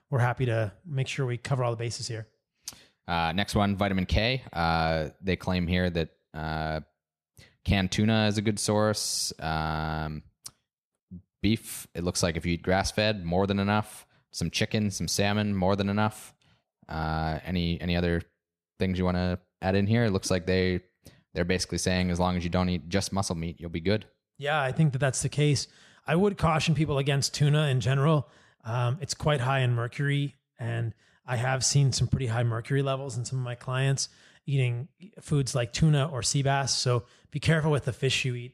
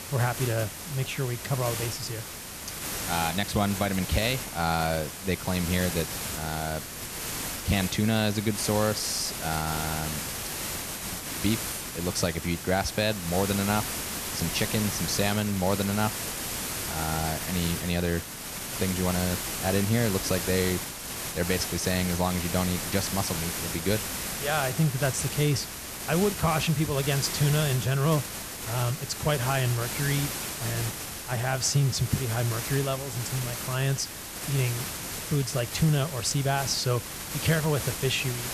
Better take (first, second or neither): first